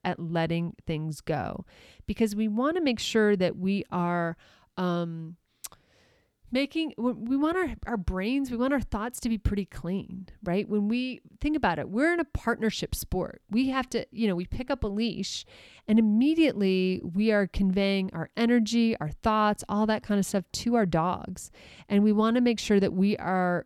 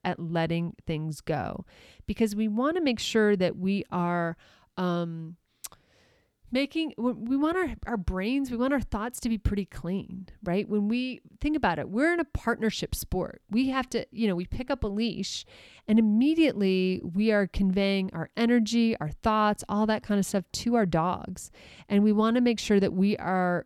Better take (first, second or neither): neither